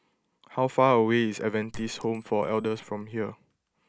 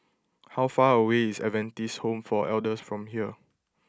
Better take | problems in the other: second | background sound (Chink, clink); 19 dB below the speech

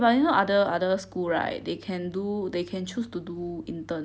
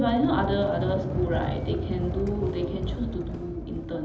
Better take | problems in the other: first | background sound (Sliding door); 2 dB below the speech // room echo; dies away in 1.2 s

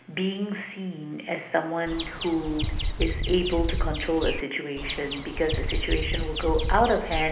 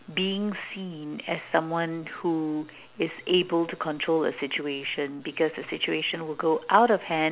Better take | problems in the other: second | background sound (Bird vocalization, bird call, bird song); as loud as the speech // room echo; dies away in 1 s

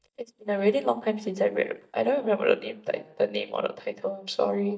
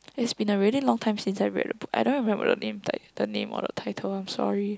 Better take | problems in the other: second | noise reduction (neural mask model DeepFilterNet 3)

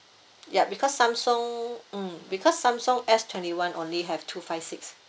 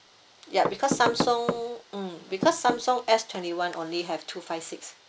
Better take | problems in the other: first | background sound (Knock / Wood); 6 dB below the speech

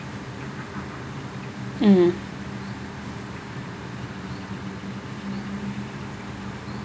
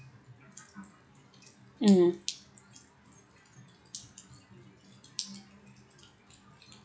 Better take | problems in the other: first | noise reduction (classical method log-MMSE)

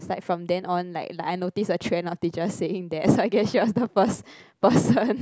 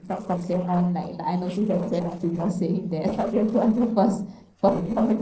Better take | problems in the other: first | noise reduction (neural separator model SepFormer DNS4)

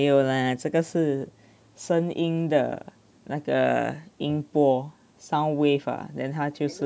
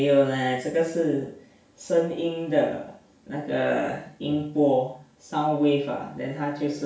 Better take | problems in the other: first | room echo; dies away in 0.5 s

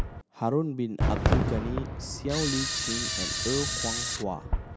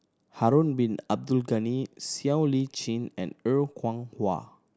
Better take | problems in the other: second | background sound (Camera + Fireworks); 3 dB above the speech

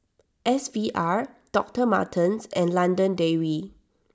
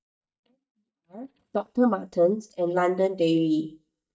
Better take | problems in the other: first | noise reduction (neural mask model DeepFilterNet 3)

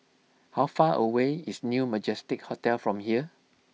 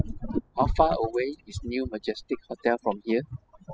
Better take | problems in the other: first | noise reduction (classical method spectral subtraction)

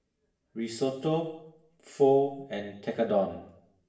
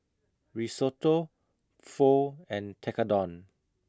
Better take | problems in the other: second | room echo; dies away in 0.7 s

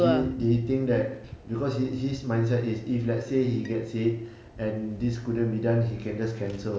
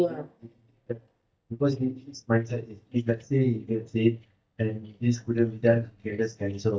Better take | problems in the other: first | noise reduction (neural mask model DeepFilterNet 3)

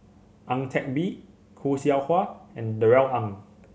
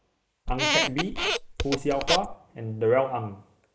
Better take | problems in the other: first | noise reduction (neural mask model Resemble Enhance denoiser)

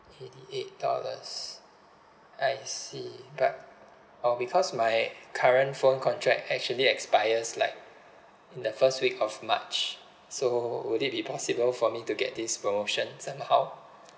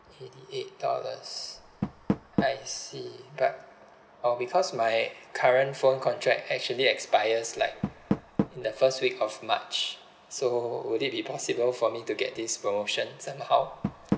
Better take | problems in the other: first | background sound (Door); 10 dB below the speech

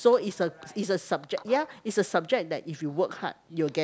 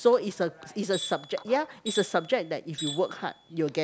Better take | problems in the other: first | background sound (Tools); 12 dB below the speech

